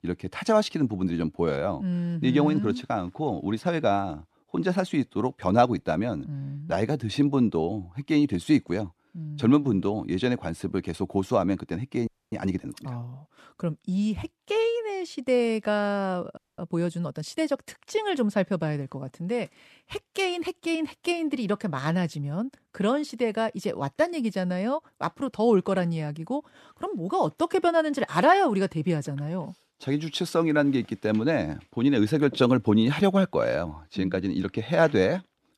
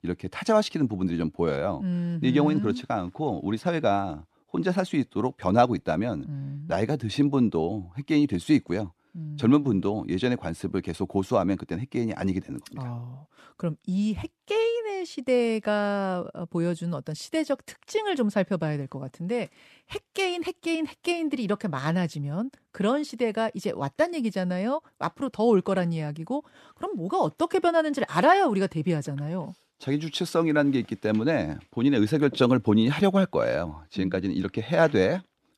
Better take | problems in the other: second | audio freezing; at 12 s and at 16 s

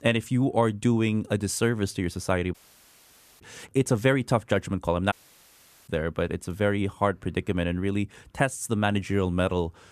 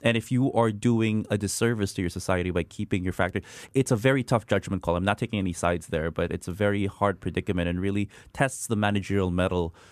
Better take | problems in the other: second | audio cutting out; at 2.5 s for 1 s and at 5 s for 1 s

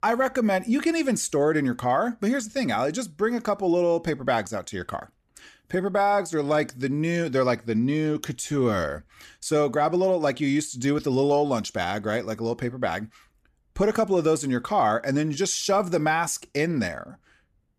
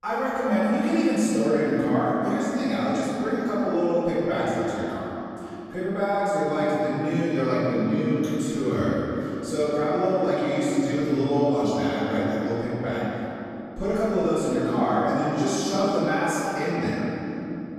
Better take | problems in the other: first | off-mic speech; far // room echo; strong; dies away in 3 s

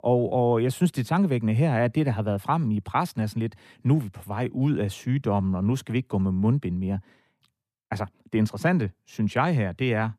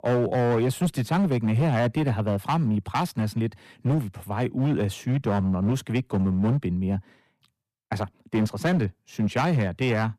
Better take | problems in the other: first | distortion; slight; 11% of the sound clipped

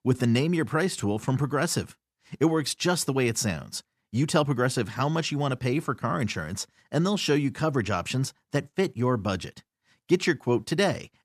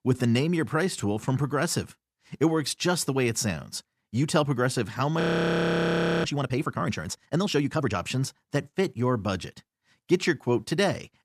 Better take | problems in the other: first | audio freezing; at 5 s for 1 s

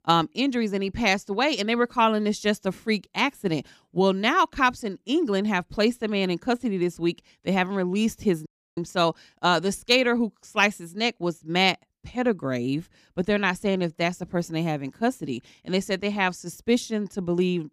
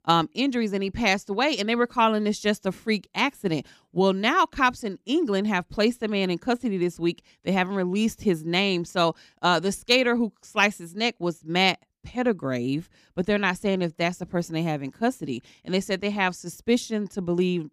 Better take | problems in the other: second | audio cutting out; at 8.5 s

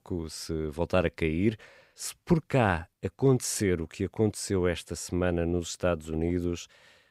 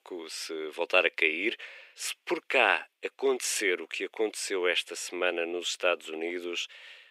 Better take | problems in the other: first | thin; very; fading below 350 Hz

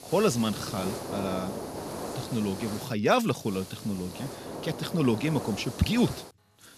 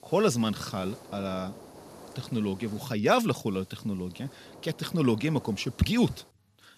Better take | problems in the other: second | hiss; loud; throughout; 9 dB below the speech; faint in the second

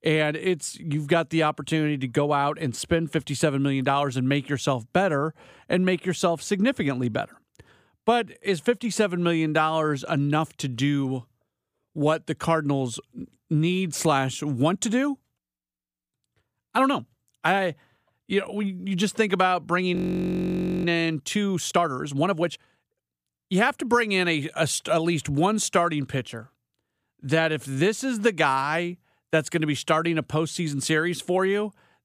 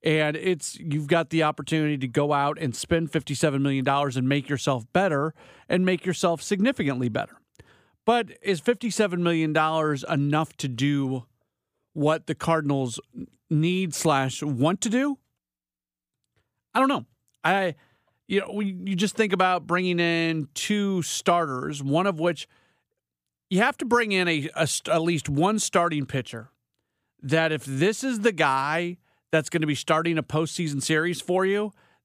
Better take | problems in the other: second | audio freezing; at 20 s for 1 s

